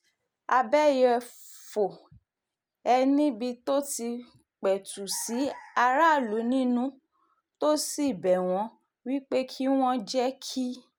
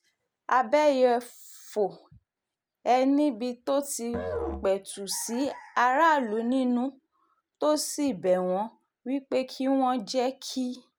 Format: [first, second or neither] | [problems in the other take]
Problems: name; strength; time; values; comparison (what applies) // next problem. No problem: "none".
first | background sound (Musical instrument); 11 dB below the speech